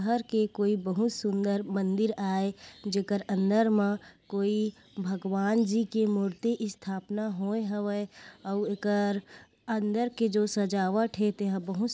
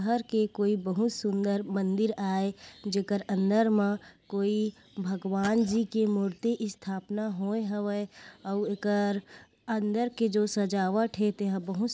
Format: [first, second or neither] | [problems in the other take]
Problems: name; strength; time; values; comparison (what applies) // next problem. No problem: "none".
first | background sound (Glass); 14 dB below the speech